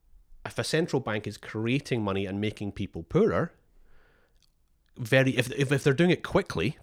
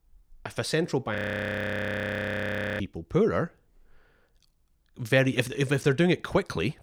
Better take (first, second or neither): first